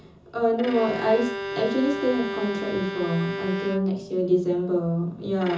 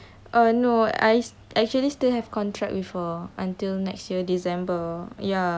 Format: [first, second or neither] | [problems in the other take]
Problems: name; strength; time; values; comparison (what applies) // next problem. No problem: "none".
second | background sound (Bowed string instrument); 8 dB below the speech // room echo; dies away in 0.6 s